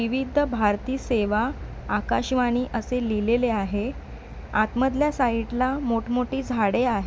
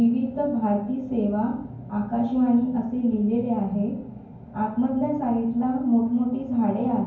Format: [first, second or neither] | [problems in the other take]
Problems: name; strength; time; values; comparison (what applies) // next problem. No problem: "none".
first | room echo; dies away in 0.9 s